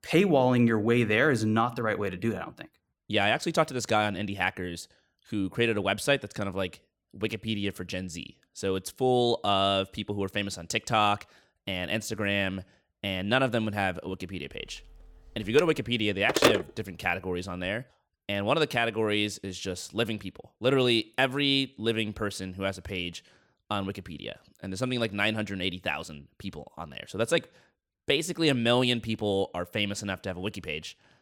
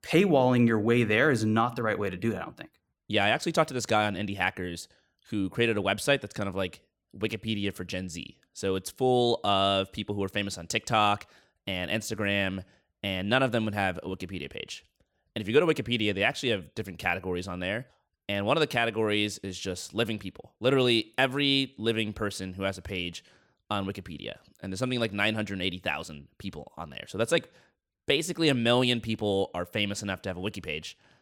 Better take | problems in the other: second | phone ringing; loud; from 16 to 17 s; peak 4 dB above the speech

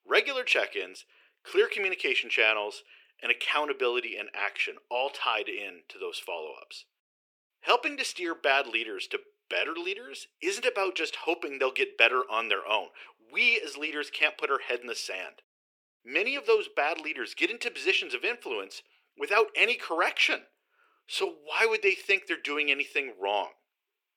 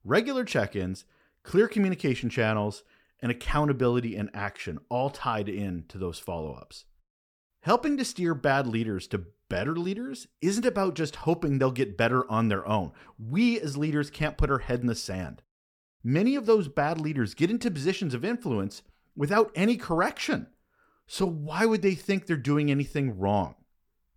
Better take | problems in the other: second | thin; very; fading below 350 Hz

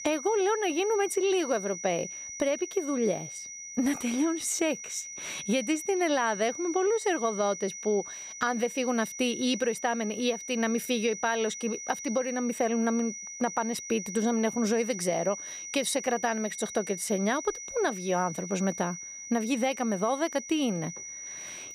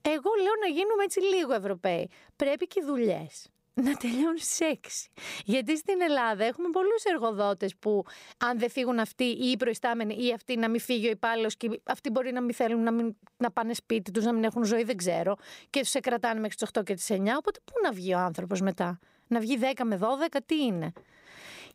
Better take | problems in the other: second | high-pitched whine; loud; throughout; 6 kHz, 9 dB below the speech

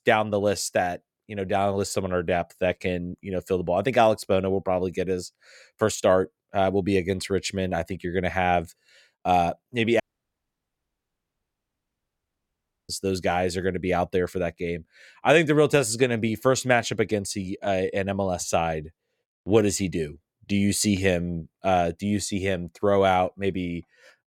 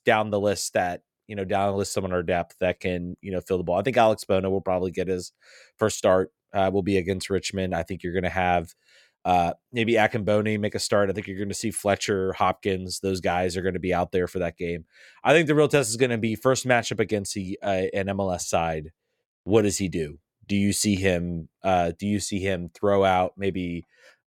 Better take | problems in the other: second | audio cutting out; at 10 s for 3 s

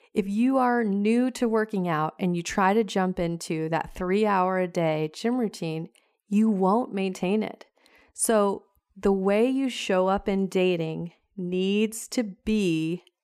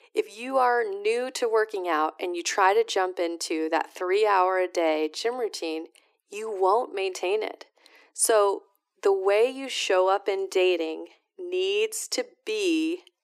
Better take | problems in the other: first | thin; very; fading below 300 Hz

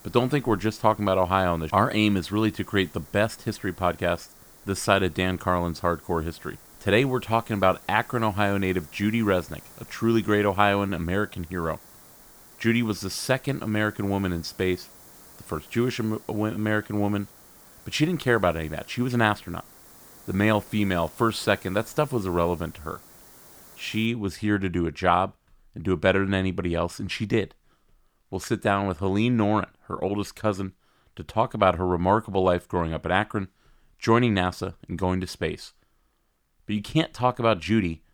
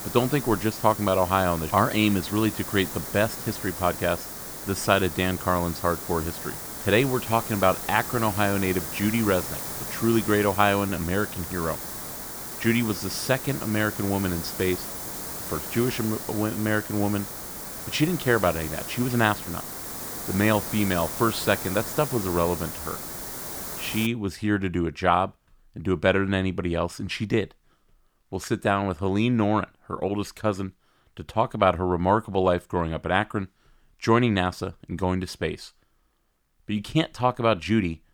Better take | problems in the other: first | hiss; loud; until 24 s; 7 dB below the speech; faint in the first

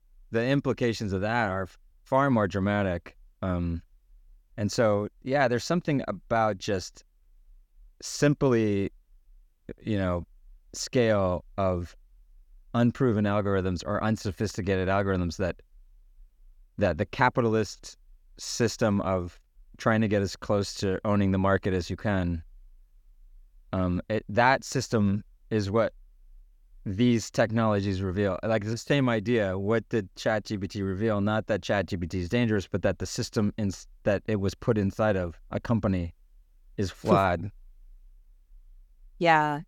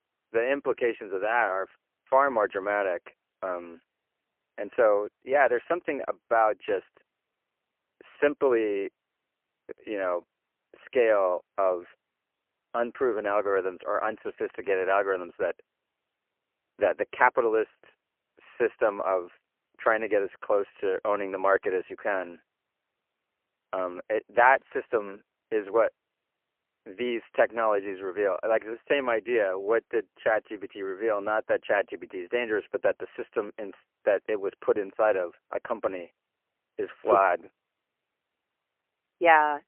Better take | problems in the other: first | phone-call audio; poor line; nothing above 3 kHz

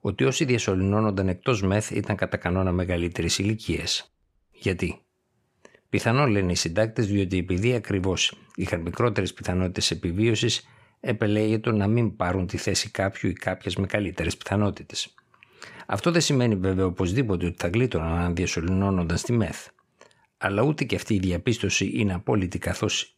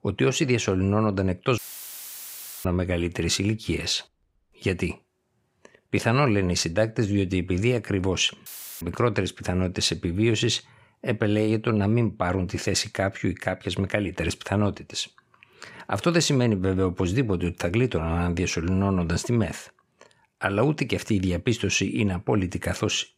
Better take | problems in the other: first | audio cutting out; filled with static; at 1.5 s for 1 s and at 8.5 s

